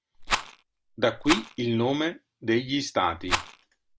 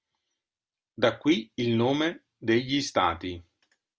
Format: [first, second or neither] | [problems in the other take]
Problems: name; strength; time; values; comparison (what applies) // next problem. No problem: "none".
second | background sound (Rattle); 4 dB below the speech